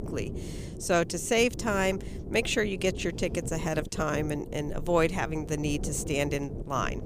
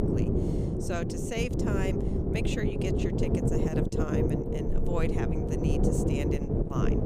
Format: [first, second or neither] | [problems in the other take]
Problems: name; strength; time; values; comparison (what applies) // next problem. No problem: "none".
first | wind noise on the microphone; heavy; 4 dB above the speech; occasional gusts in the first